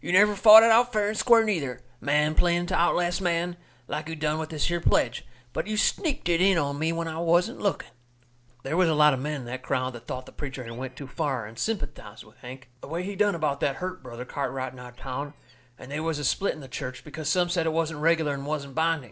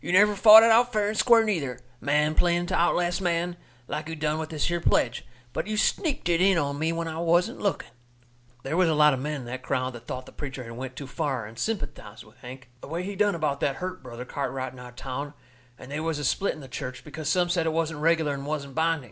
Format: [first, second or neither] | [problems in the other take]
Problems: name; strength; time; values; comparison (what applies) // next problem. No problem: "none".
second | noise reduction (neural separator model SepFormer DNS4)